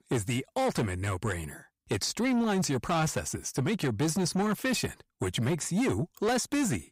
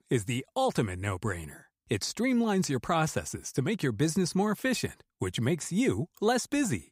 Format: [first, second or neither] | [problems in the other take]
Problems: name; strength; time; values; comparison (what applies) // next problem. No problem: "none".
second | distortion; slight; 10 dB below the speech